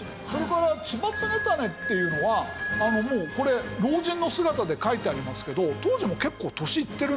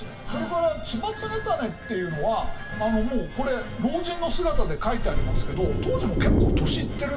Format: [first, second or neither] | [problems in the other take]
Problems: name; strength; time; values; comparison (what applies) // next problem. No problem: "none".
first | background sound (Thunder); 1 dB above the speech // room echo; dies away in 0.2 s